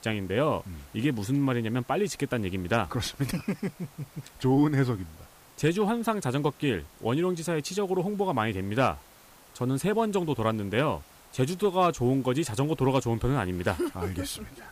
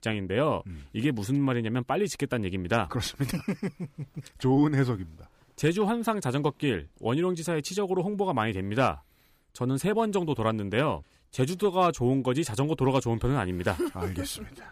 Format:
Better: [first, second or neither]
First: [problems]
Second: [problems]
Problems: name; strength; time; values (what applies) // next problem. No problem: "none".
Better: second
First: hiss; faint; throughout; 25 dB below the speech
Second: none